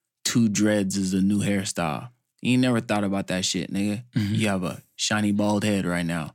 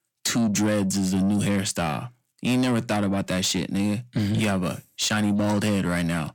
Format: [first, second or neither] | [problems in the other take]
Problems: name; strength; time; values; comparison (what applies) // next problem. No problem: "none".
first | distortion; slight; 10 dB below the speech